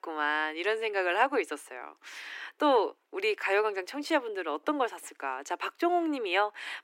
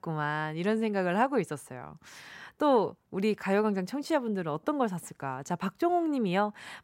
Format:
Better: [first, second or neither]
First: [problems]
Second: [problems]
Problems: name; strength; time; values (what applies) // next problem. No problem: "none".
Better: second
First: thin; somewhat; fading below 300 Hz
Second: none